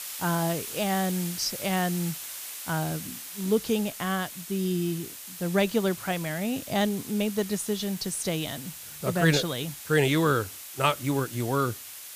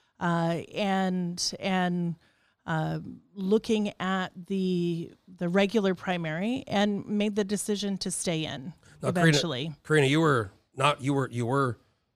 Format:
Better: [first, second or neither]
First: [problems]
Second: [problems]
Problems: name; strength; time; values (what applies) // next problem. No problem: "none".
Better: second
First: hiss; loud; throughout; 9 dB below the speech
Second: none